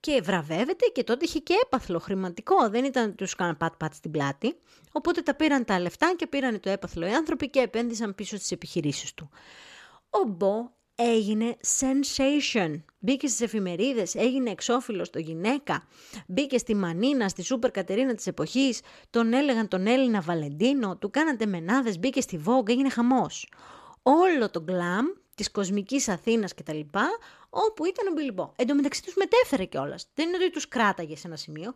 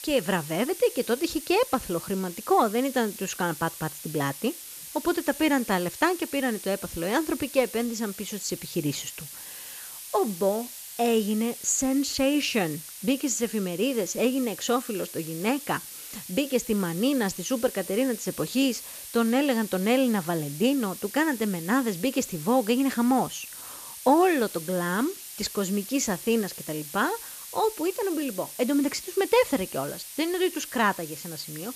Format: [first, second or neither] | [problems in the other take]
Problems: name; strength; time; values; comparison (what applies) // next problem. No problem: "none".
first | hiss; noticeable; throughout; 10 dB below the speech